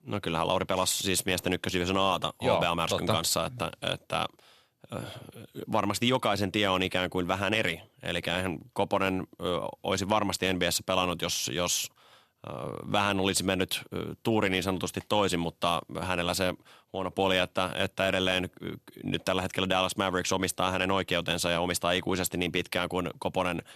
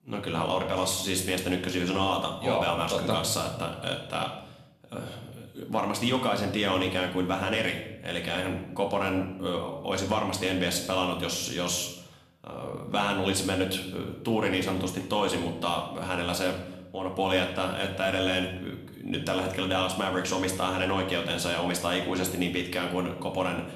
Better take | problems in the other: first | room echo; slight; dies away in 0.8 s // off-mic speech; somewhat distant

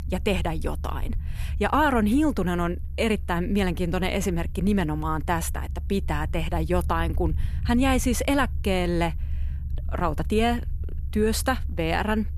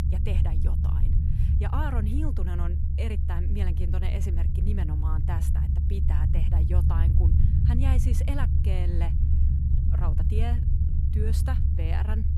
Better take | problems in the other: first | low rumble; loud; throughout; 1 dB below the speech; faint in the first

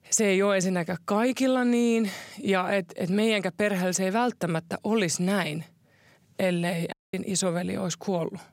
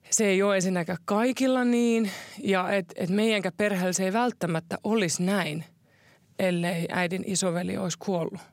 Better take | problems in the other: second | audio cutting out; at 7 s

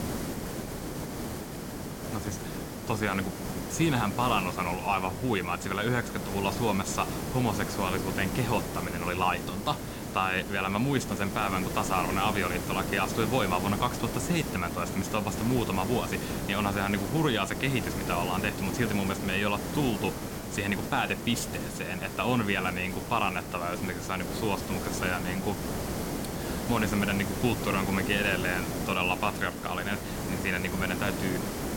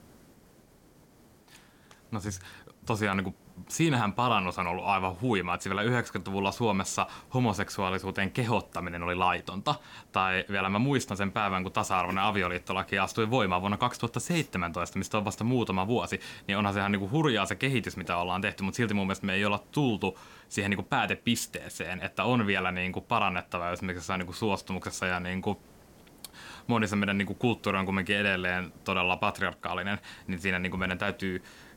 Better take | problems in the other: second | hiss; loud; throughout; 5 dB below the speech; faint in the second

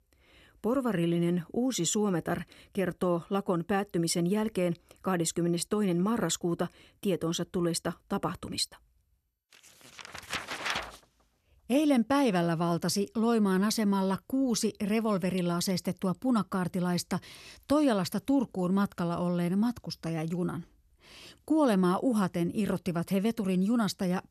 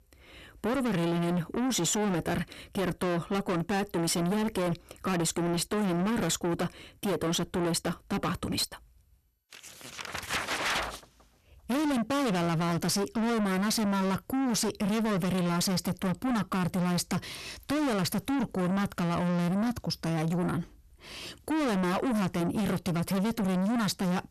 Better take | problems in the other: first | distortion; heavy; 6 dB below the speech

